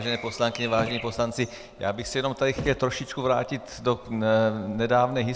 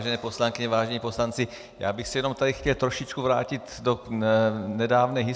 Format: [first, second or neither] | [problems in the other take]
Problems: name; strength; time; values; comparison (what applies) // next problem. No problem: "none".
second | background sound (Thump, thud + Bird vocalization, bird call, bird song); 16 dB below the speech